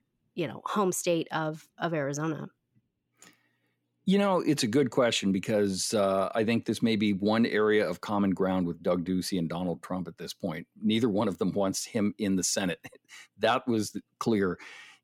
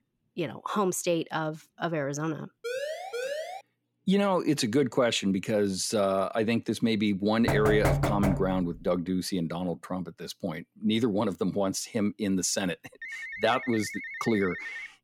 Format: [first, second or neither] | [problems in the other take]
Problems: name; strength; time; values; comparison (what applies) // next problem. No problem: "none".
first | siren; noticeable; at 2.5 s; peak 5 dB below the speech // door banging; loud; from 7.5 to 8.5 s; peak 1 dB above the speech // phone ringing; noticeable; from 13 s on; peak 8 dB below the speech